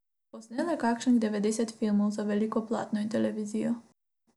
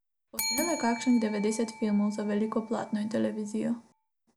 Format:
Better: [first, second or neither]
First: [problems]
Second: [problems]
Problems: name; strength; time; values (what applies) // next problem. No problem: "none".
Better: first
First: none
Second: background sound (Bell); 11 dB below the speech